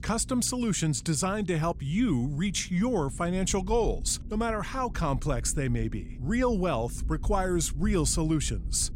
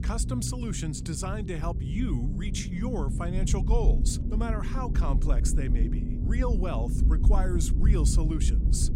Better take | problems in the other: first | low rumble; loud; throughout; 6 dB below the speech; faint in the first

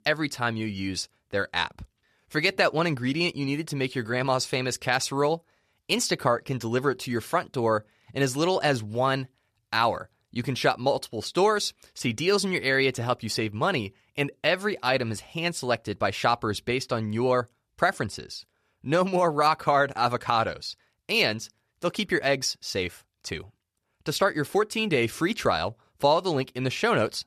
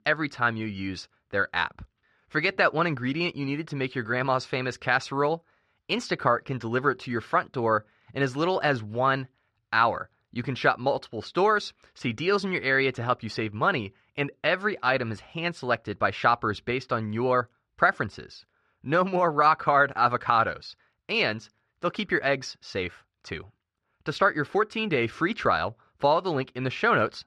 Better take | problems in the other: first | muffled; slightly; fading above 3.5 kHz

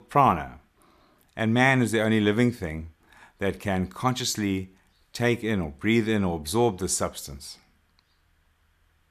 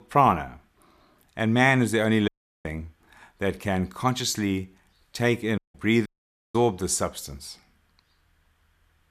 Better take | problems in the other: first | audio cutting out; at 2.5 s, at 5.5 s and at 6 s

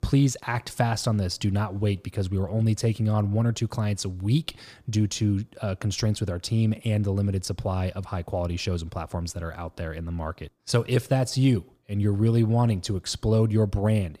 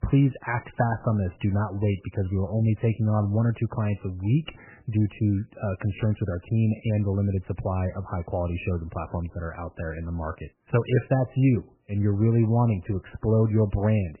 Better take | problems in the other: first | garbled, watery; badly; nothing above 3 kHz

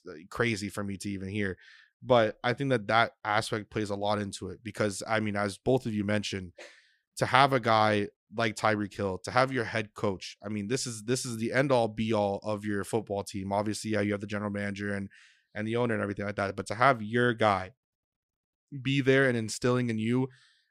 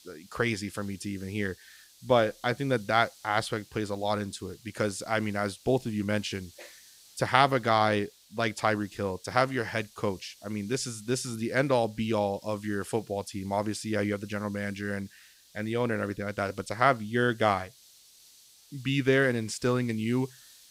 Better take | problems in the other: first | hiss; faint; throughout; 25 dB below the speech

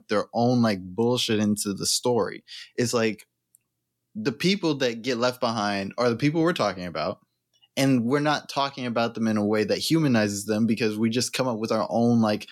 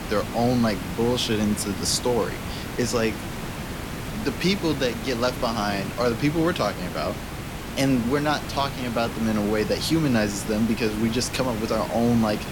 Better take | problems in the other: first | hiss; loud; throughout; 8 dB below the speech

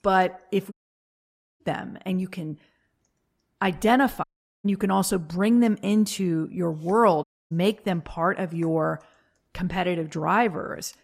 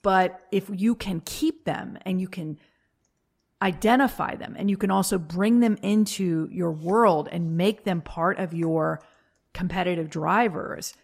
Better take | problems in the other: second | audio cutting out; at 0.5 s for 1 s, at 4 s and at 7 s

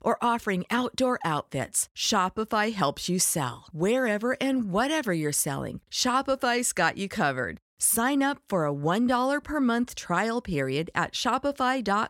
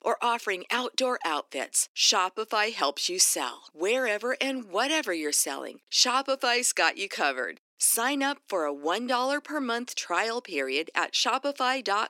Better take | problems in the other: first | thin; somewhat; fading below 300 Hz

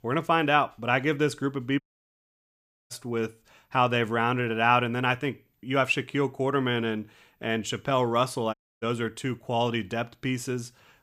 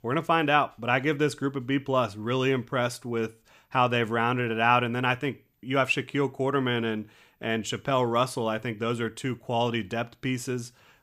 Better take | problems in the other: second | audio cutting out; at 2 s for 1 s and at 8.5 s

